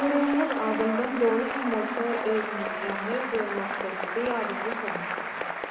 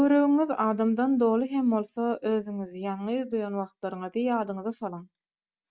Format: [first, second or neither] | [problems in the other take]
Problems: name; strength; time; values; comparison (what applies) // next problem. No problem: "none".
second | background sound (Applause / Cheering); 4 dB below the speech // room echo; dies away in 2 s